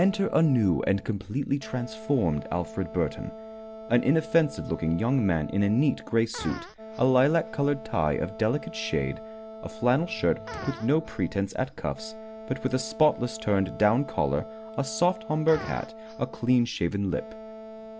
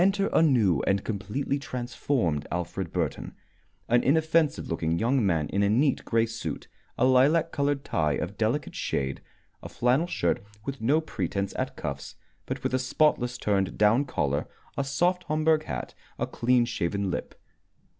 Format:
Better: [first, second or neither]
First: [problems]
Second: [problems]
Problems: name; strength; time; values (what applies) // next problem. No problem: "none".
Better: second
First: background sound (Wind instrument, woodwind instrument + Fart); 15 dB below the speech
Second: none